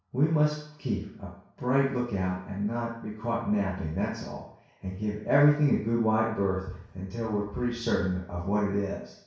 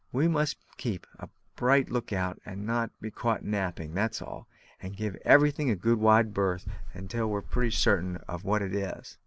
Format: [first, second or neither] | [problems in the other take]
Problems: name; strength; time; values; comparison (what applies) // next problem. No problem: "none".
second | room echo; dies away in 0.6 s